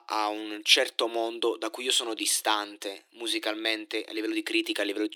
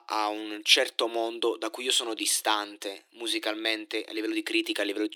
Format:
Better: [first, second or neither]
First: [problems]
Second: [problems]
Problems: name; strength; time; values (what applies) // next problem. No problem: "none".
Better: neither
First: thin; very; fading below 300 Hz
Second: thin; very; fading below 300 Hz